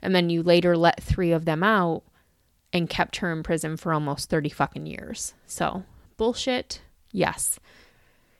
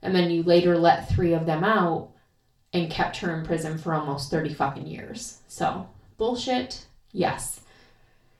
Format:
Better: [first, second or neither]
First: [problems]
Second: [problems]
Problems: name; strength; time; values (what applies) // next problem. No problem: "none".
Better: first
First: none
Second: room echo; slight; dies away in 0.3 s // off-mic speech; far